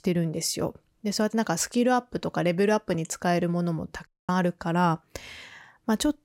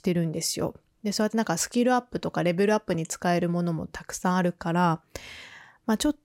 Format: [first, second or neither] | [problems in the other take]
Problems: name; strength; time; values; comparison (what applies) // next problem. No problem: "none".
second | audio cutting out; at 4 s